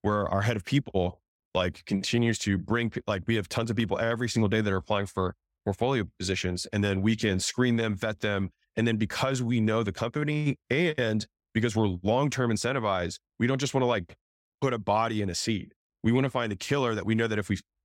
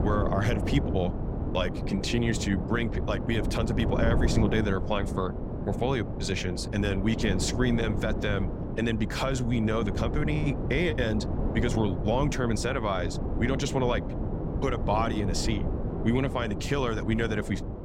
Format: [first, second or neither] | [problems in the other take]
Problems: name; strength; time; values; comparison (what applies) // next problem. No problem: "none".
first | wind noise on the microphone; heavy; 7 dB below the speech